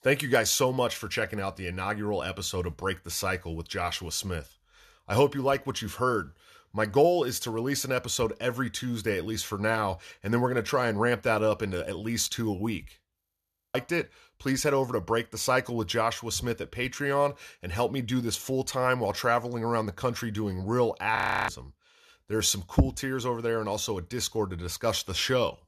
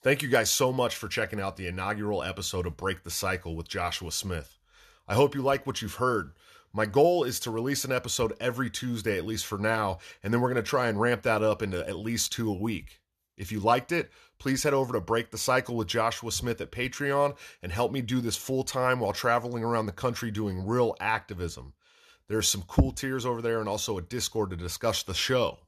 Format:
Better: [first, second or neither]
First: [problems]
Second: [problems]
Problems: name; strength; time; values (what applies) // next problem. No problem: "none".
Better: second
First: audio freezing; at 13 s for 0.5 s and at 21 s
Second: none